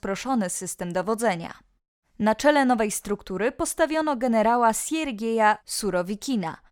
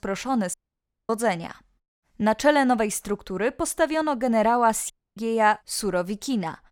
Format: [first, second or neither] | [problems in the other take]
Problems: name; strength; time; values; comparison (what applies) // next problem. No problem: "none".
first | audio cutting out; at 0.5 s for 0.5 s and at 5 s